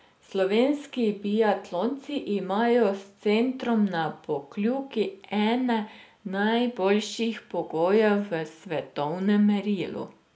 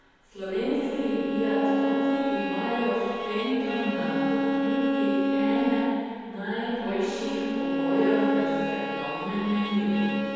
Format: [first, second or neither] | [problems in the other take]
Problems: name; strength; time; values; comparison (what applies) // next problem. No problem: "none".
first | background sound (Bowed string instrument); as loud as the speech // room echo; dies away in 2.1 s